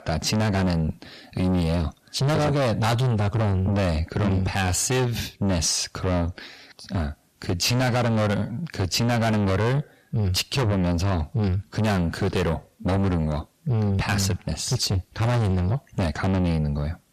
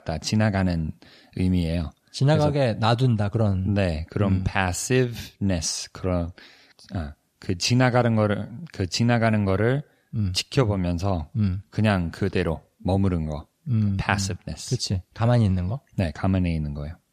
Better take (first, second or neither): second